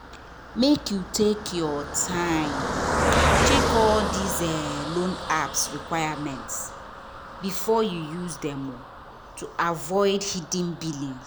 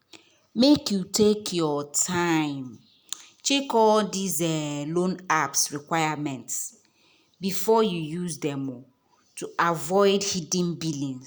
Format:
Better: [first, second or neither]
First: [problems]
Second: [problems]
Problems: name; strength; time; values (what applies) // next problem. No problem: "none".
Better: second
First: background sound (Car passing by); 2 dB below the speech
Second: none